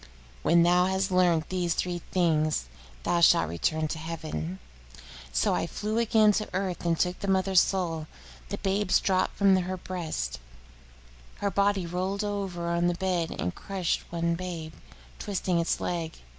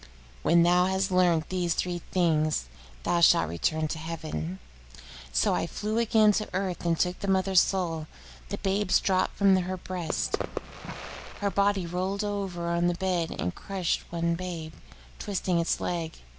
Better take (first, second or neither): first